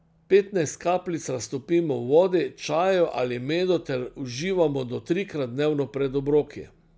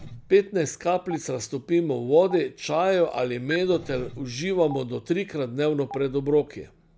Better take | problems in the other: first | background sound (Engine + Stream); 19 dB below the speech

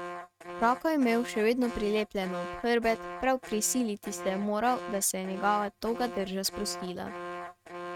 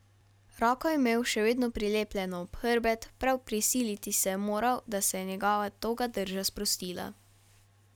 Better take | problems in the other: second | noise reduction (neural mask model RNNoise)

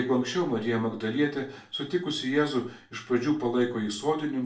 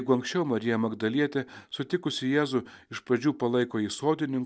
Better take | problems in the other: second | room echo; dies away in 0.3 s

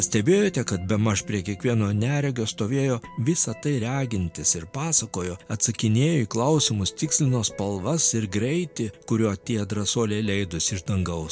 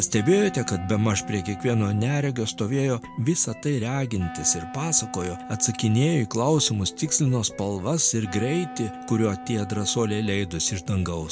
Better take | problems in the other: first | background sound (Wind instrument, woodwind instrument); 15 dB below the speech

